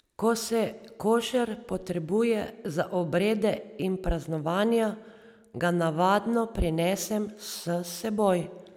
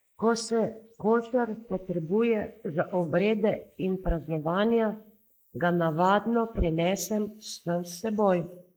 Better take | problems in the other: first | noise reduction (neural mask model Resemble Enhance denoiser)

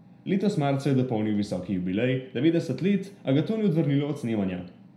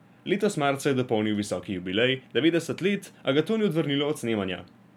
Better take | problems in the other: second | room echo; dies away in 0.4 s

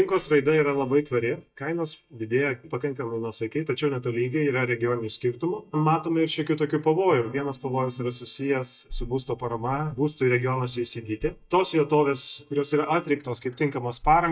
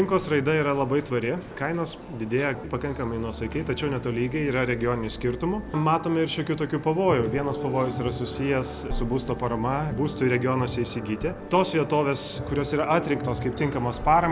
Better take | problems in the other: second | noise reduction (neural mask model DeepFilterNet 3)

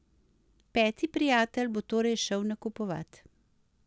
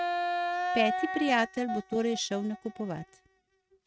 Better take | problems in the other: first | noise reduction (neural mask model RNNoise)

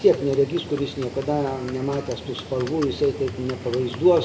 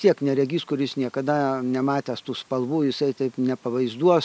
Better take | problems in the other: second | background sound (Livestock, farm animals, working animals); 13 dB below the speech // room echo; dies away in 0.6 s

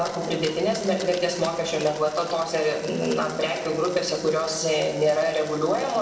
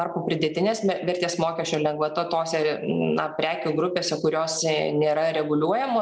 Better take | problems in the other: second | background sound (Domestic sounds, home sounds); 14 dB below the speech // room echo; dies away in 1.1 s

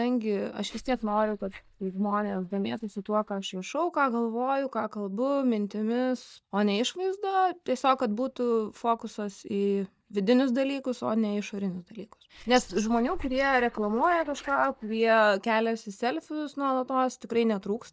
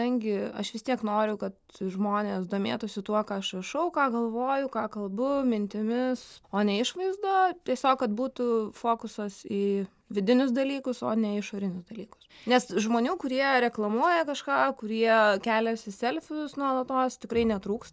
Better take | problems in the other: second | noise reduction (neural mask model DeepFilterNet 3)

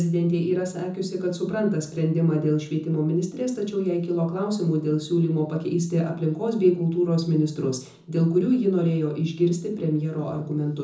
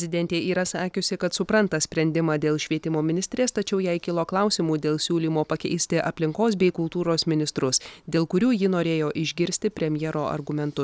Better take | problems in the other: second | room echo; dies away in 0.5 s

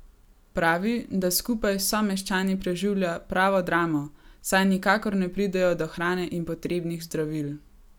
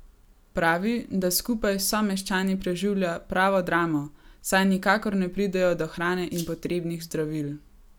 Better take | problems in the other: first | background sound (Rattle (instrument)); 18 dB below the speech

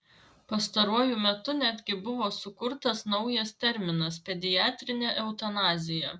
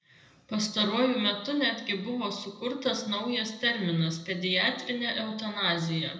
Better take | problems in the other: first | room echo; dies away in 0.7 s

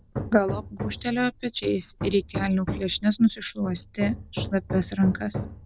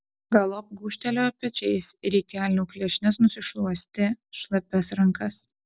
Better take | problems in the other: second | background sound (Hammer); 8 dB below the speech

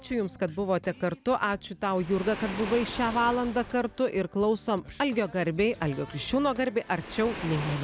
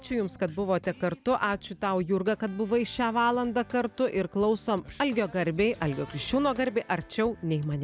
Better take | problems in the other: second | background sound (Waves, surf); 15 dB below the speech

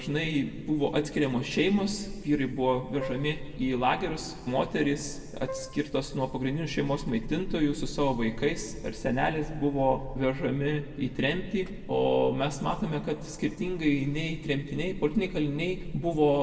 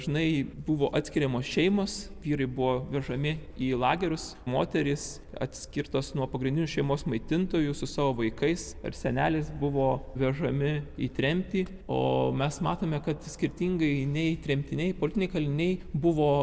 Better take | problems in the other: second | background sound (Keyboard (musical)); 12 dB below the speech // room echo; dies away in 1.3 s

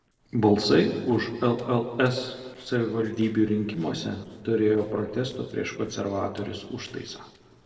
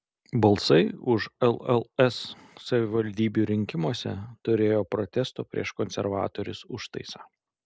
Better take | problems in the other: second | noise reduction (neural separator model SepFormer DNS4)

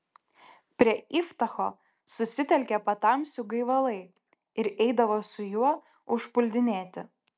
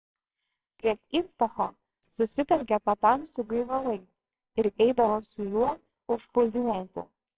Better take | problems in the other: first | noise reduction (neural separator model SepFormer WHAMR!)

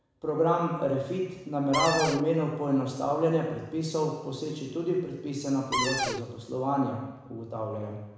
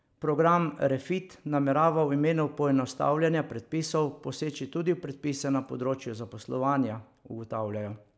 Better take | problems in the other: second | background sound (Cupboard open or close); 1 dB below the speech // room echo; dies away in 1 s

